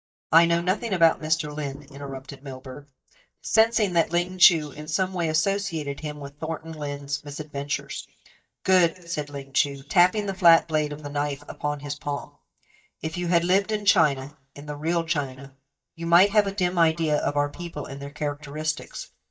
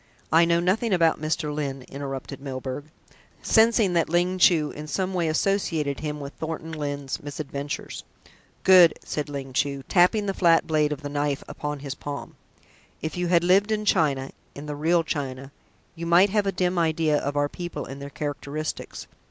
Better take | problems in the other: second | noise reduction (neural mask model DeepFilterNet 3)

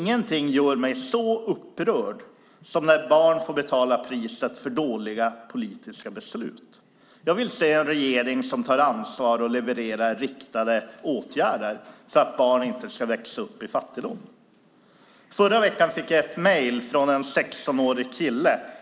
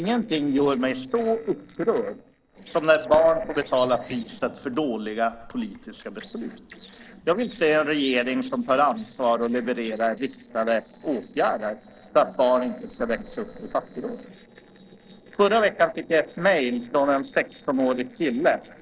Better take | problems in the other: first | noise reduction (neural separator model SepFormer DNS4)

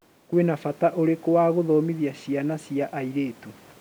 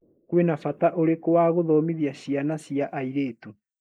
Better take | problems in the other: first | noise reduction (neural mask model Resemble Enhance denoiser)

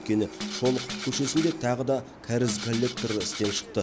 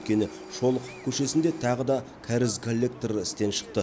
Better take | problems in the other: second | background sound (Rattle (instrument)); 9 dB below the speech

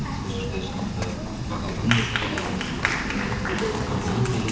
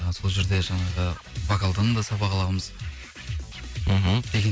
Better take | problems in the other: second | background sound (Applause); 3 dB above the speech // room echo; dies away in 0.7 s

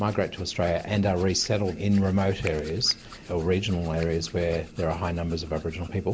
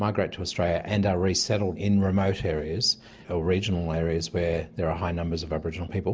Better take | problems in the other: second | background sound (Hands); 20 dB below the speech

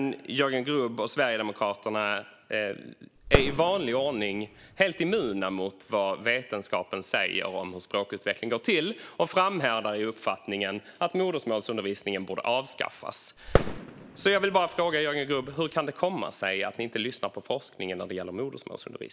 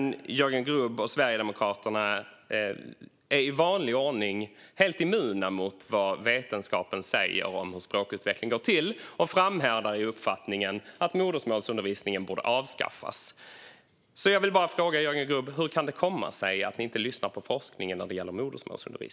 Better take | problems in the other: second | background sound (Fireworks); 3 dB below the speech

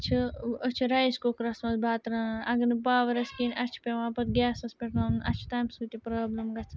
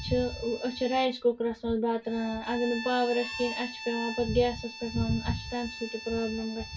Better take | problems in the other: first | background sound (Bowed string instrument); 12 dB below the speech // room echo; dies away in 0.2 s

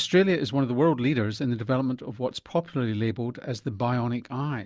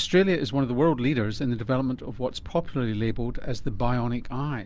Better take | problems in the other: first | background sound (Thunder); 8 dB below the speech

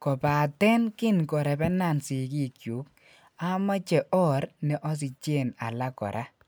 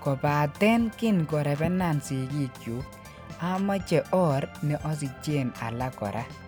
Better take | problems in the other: first | background sound (Organ); 16 dB below the speech

